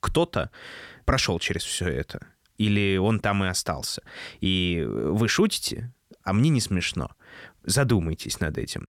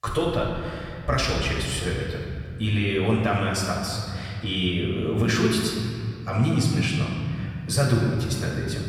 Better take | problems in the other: first | off-mic speech; far // room echo; noticeable; dies away in 2.6 s

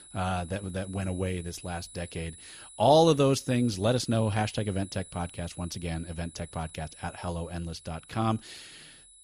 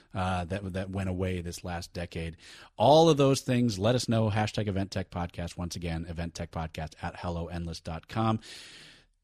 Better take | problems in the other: second | high-pitched whine; noticeable; throughout; 10 kHz, 20 dB below the speech

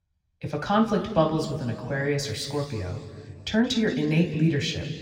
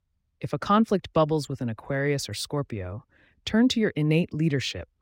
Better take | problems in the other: second | room echo; slight; dies away in 2.1 s

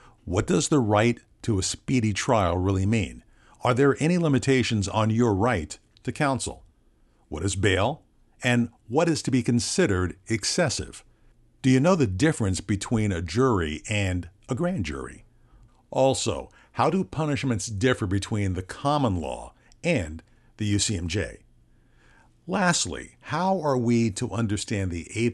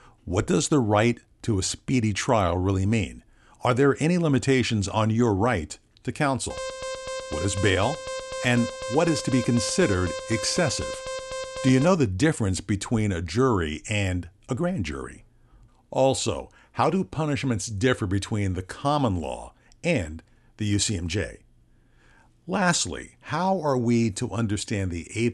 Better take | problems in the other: first | alarm; noticeable; from 6.5 to 12 s; peak 8 dB below the speech

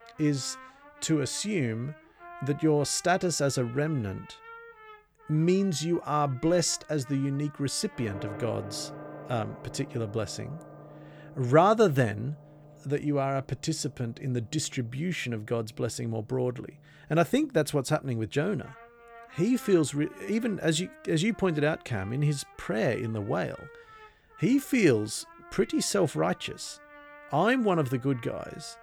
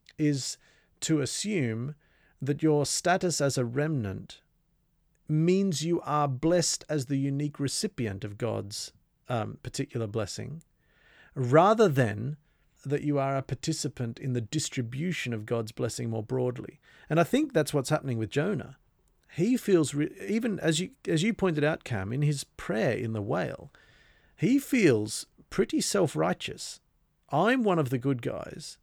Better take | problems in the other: second | background music; faint; throughout; 20 dB below the speech

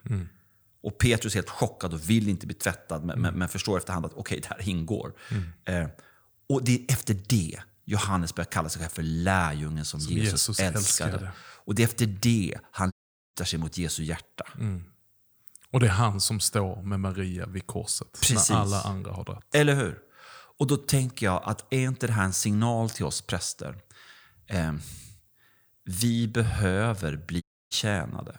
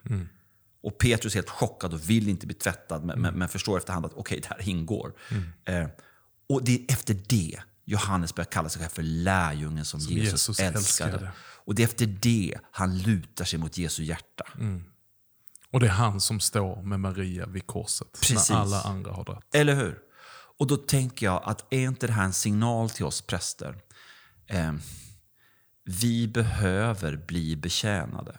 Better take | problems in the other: second | audio cutting out; at 13 s and at 27 s

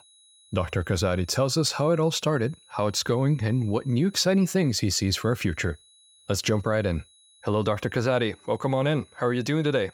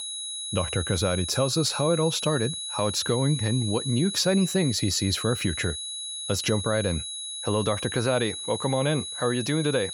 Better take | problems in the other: first | high-pitched whine; loud; throughout; 4 kHz, 5 dB below the speech; faint in the first

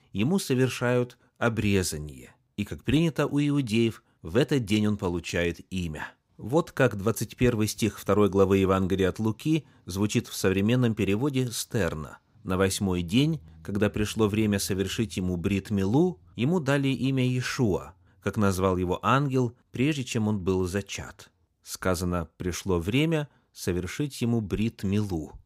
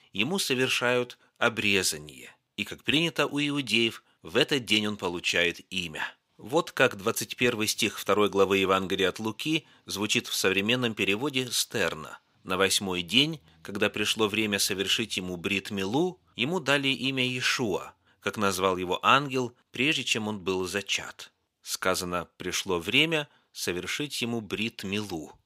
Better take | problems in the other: first | thin; somewhat; fading below 1 kHz

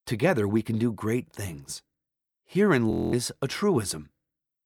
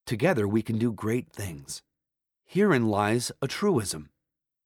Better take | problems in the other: second | audio freezing; at 3 s

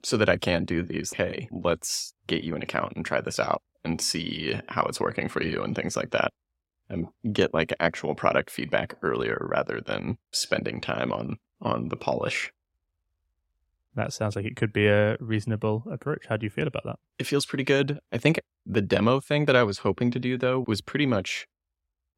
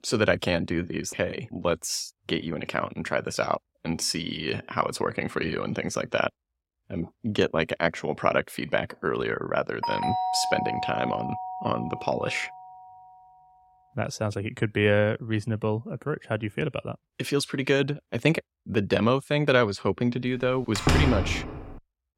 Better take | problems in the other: first | doorbell; loud; from 10 to 13 s; peak level with the speech // door banging; loud; at 21 s; peak 5 dB above the speech

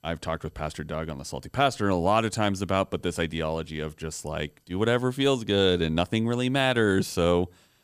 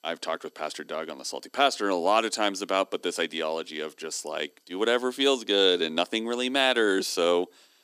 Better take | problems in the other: first | thin; very slightly; fading below 250 Hz

